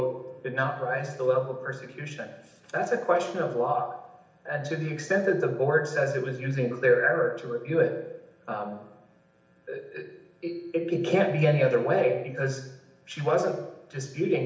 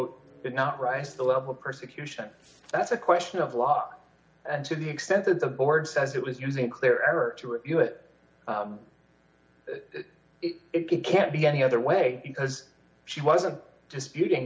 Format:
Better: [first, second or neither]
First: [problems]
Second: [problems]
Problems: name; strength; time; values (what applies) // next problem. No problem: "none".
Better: second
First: room echo; dies away in 0.8 s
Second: none